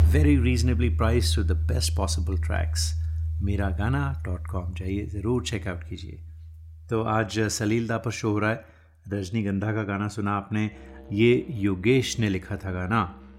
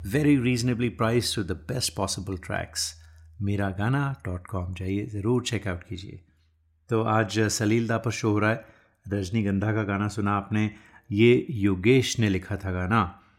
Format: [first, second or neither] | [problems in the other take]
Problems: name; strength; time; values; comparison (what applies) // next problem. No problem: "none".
second | background music; loud; throughout; 2 dB below the speech; faint in the second